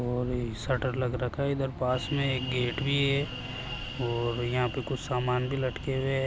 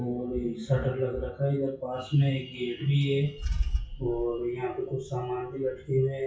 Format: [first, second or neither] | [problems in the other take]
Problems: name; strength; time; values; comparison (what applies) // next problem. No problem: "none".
first | noise reduction (classical method WPE with log-MMSE)